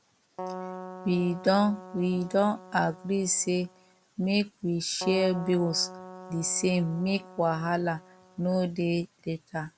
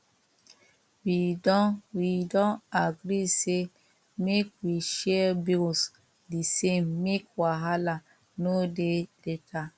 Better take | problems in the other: second | background sound (Keyboard (musical)); 14 dB below the speech

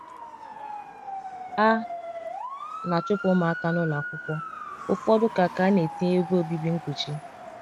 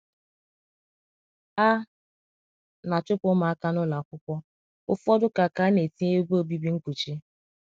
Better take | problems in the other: second | background sound (Motor vehicle (road) / Siren); 10 dB below the speech

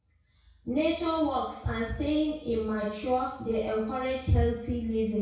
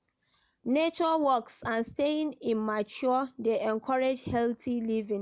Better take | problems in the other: second | room echo; dies away in 0.6 s

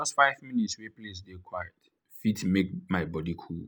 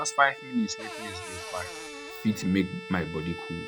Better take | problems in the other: first | background sound (Bowed string instrument + Cupboard open or close / Door); 10 dB below the speech

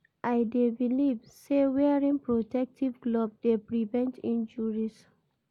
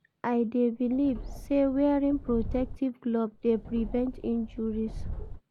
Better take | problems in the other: first | background sound (Subway, metro, underground); 10 dB below the speech

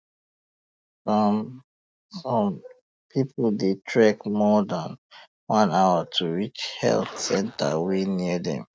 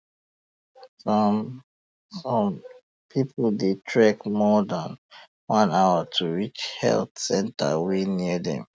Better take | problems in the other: second | noise reduction (neural mask model DeepFilterNet 3)

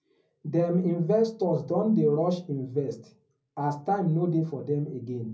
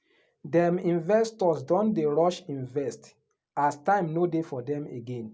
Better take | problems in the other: second | room echo; dies away in 0.4 s

